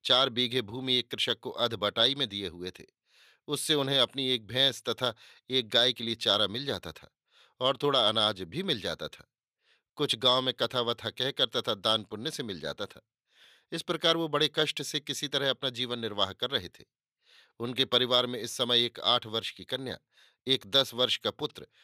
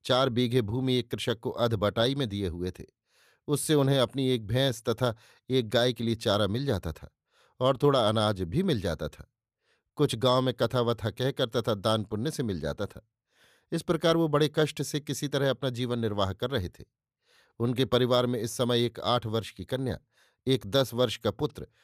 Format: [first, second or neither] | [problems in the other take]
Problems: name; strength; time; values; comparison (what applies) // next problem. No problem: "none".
second | thin; very slightly; fading below 300 Hz